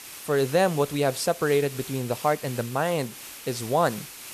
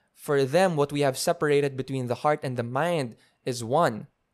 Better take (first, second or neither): second